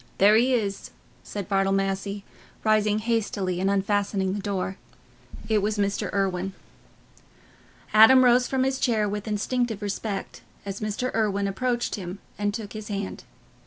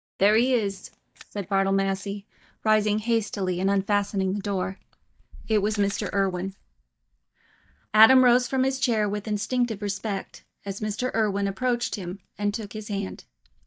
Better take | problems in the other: first | noise reduction (neural mask model DeepFilterNet 3)

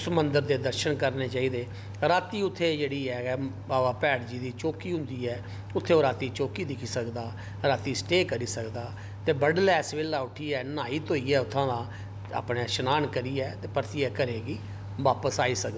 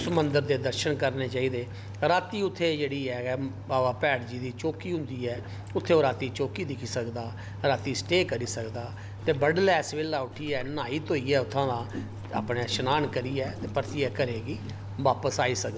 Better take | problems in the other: first | background sound (Gurgling); 18 dB below the speech

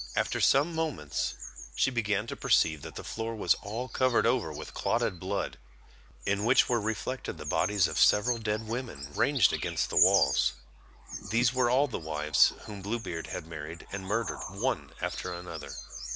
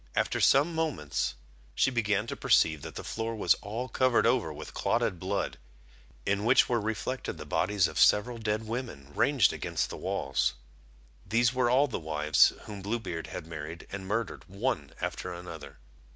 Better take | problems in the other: second | background sound (Bird vocalization, bird call, bird song); 8 dB below the speech

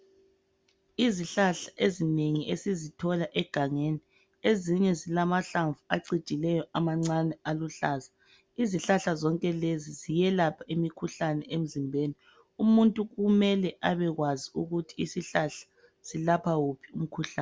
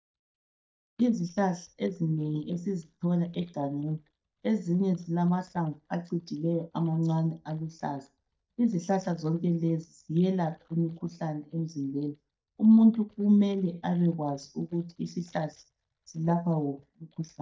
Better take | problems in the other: first | noise reduction (neural mask model DeepFilterNet 3)

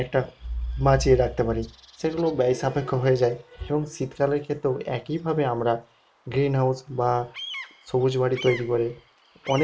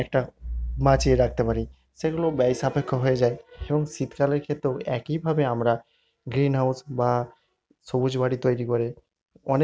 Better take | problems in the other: second | background sound (Bird vocalization, bird call, bird song); 20 dB below the speech // room echo; dies away in 0.2 s

